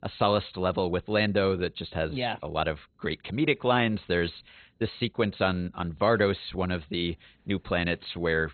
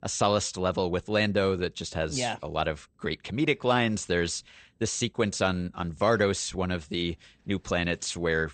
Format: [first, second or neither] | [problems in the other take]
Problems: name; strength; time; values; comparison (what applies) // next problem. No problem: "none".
second | garbled, watery; badly; nothing above 4 kHz; slightly in the second